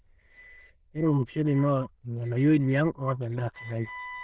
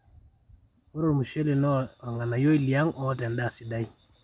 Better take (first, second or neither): second